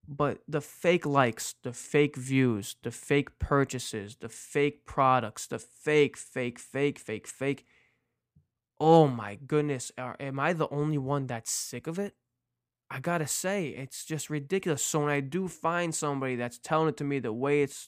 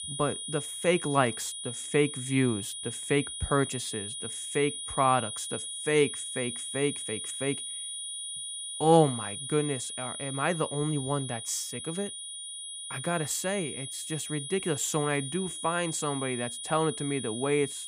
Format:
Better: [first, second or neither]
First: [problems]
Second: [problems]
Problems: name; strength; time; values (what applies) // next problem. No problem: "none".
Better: first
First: none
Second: high-pitched whine; loud; throughout; 9.5 kHz, 6 dB below the speech